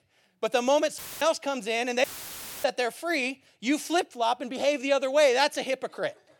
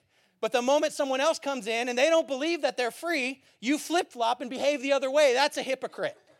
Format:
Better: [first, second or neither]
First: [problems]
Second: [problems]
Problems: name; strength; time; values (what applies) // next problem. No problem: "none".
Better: second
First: audio cutting out; filled with static; at 1 s and at 2 s for 0.5 s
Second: none